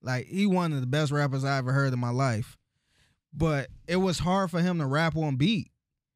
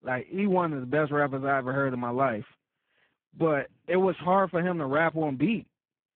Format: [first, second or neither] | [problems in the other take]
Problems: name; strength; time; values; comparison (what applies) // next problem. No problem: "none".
first | phone-call audio; poor line; nothing above 3.5 kHz